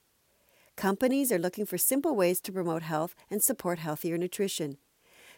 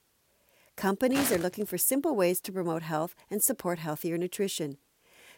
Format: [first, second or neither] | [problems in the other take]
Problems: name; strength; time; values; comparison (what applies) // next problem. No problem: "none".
first | footsteps; noticeable; at 1 s; peak 4 dB below the speech